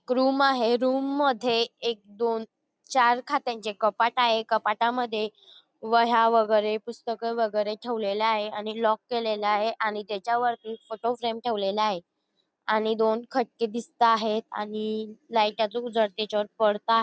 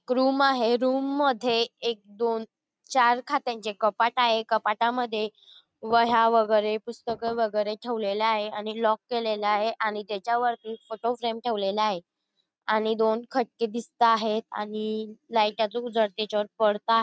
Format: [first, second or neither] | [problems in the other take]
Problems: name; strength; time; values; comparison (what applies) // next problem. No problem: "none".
first | noise reduction (neural mask model RNNoise)